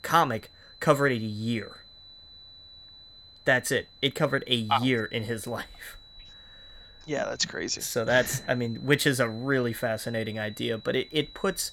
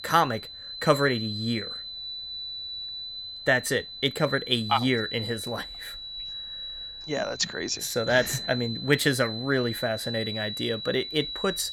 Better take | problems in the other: first | high-pitched whine; loud; throughout; 4 kHz, 8 dB below the speech; faint in the first

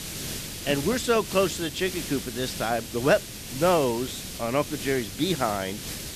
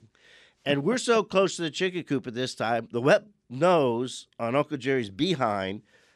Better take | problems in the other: second | hiss; loud; throughout; 8 dB below the speech

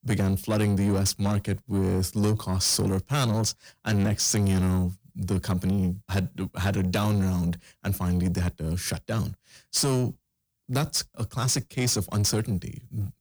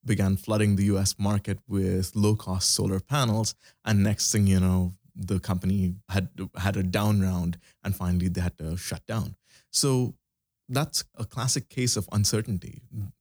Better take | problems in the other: second | distortion; slight; 10 dB below the speech

